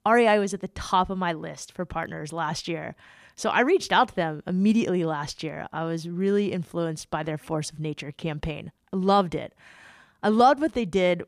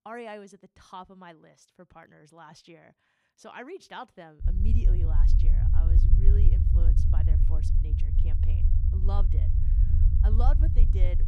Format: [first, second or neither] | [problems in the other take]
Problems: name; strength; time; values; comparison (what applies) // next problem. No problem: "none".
first | low rumble; loud; from 4.5 s on; 1 dB below the speech